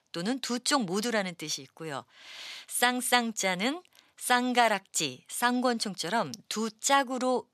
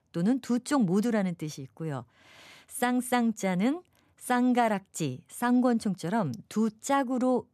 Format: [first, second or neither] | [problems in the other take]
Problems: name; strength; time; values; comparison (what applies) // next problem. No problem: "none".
second | thin; somewhat; fading below 800 Hz